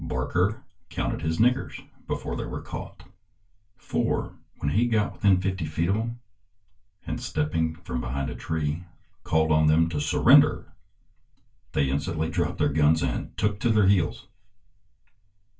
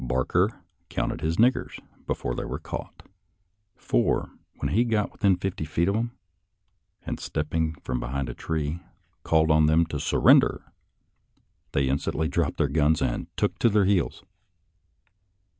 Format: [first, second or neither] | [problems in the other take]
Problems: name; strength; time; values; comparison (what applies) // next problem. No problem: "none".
second | room echo; dies away in 0.2 s